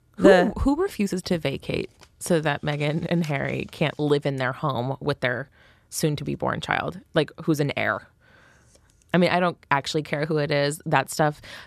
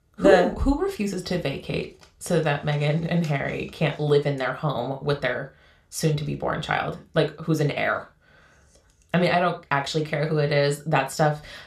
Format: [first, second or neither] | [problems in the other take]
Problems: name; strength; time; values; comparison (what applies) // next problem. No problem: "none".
first | room echo; very slight; dies away in 0.3 s